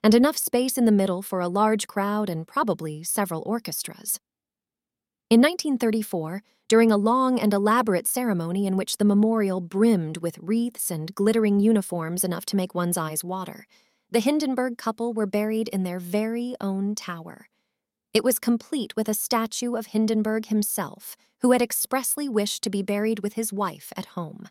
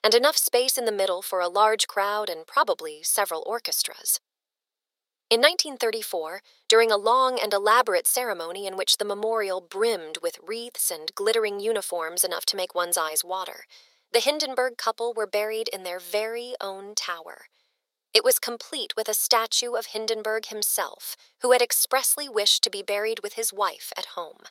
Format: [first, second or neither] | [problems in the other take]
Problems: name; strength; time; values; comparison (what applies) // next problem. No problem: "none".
first | thin; very; fading below 500 Hz